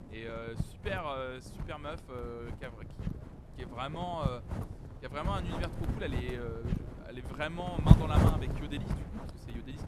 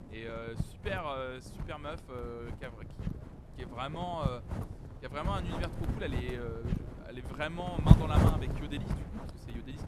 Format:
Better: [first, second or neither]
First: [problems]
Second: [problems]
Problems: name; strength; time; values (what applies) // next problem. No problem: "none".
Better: neither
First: wind noise on the microphone; heavy; 3 dB below the speech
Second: wind noise on the microphone; heavy; 3 dB below the speech